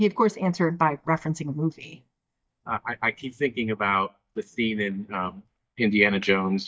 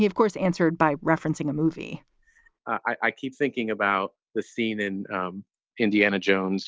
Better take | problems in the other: second | noise reduction (neural mask model DeepFilterNet 3)

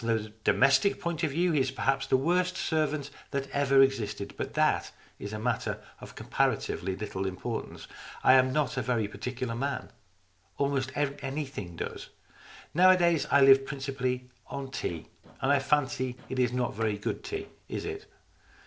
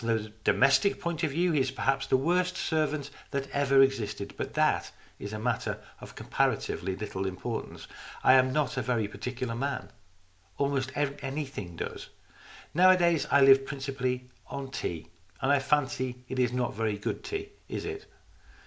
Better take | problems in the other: second | noise reduction (neural separator model SepFormer DNS4)

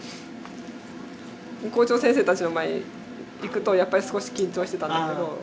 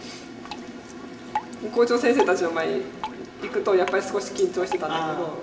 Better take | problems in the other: first | background sound (Drip); 13 dB below the speech // room echo; dies away in 1.2 s

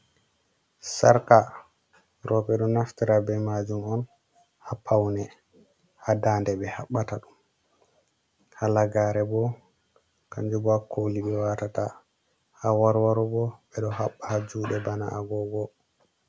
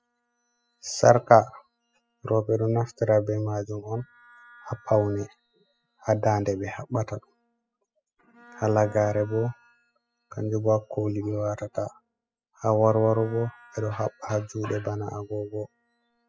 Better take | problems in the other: first | noise reduction (classical method spectral subtraction)

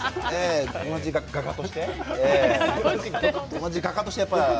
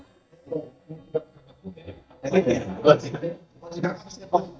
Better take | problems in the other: first | noise reduction (neural mask model DeepFilterNet 3)

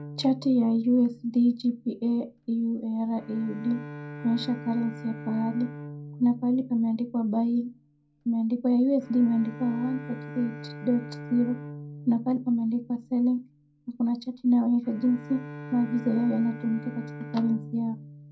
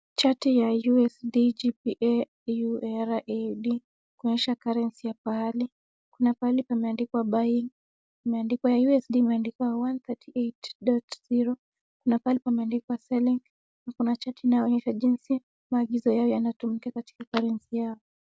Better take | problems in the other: second | background sound (Bowed string instrument); 15 dB below the speech // room echo; dies away in 0.2 s

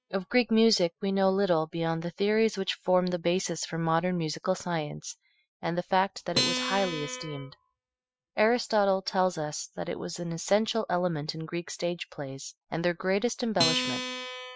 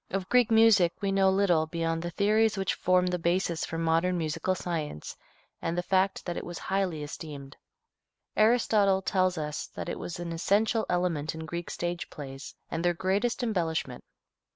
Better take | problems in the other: second | noise reduction (classical method Wiener filter)

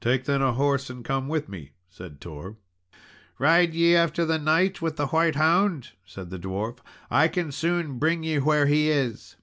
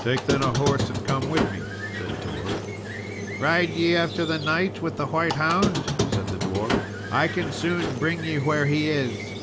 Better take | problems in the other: first | background sound (Squeak); 3 dB below the speech

